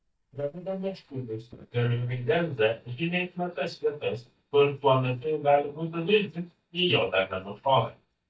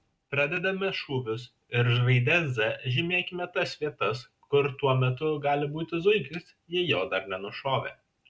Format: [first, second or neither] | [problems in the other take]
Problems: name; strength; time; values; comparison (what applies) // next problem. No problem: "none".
second | noise reduction (neural mask model DeepFilterNet 3)